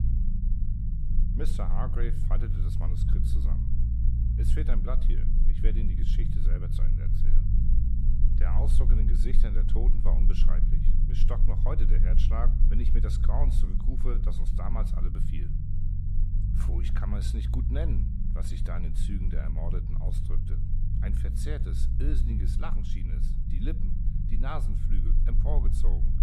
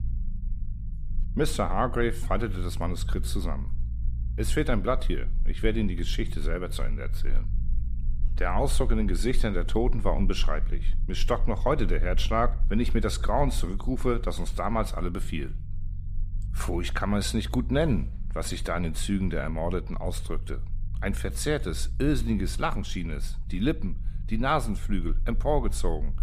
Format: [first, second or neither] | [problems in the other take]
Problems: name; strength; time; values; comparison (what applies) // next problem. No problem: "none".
second | low rumble; loud; throughout; 3 dB below the speech; faint in the second